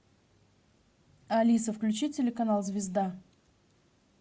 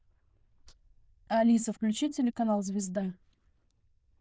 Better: first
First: none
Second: noise reduction (neural diffusion model UNIVERSE++)

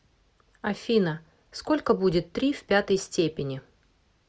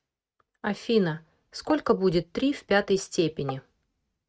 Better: first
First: none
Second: noise reduction (neural mask model RNNoise)

